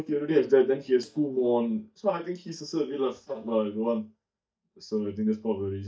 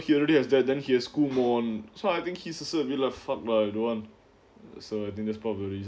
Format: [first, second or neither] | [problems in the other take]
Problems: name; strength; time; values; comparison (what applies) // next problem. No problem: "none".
second | noise reduction (neural mask model DeepFilterNet 3)